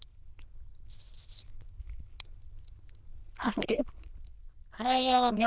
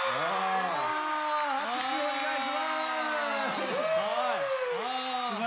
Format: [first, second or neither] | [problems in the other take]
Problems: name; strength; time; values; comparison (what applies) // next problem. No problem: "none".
second | noise reduction (neural diffusion model UNIVERSE++)